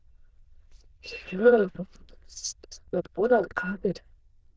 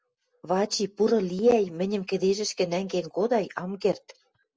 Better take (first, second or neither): second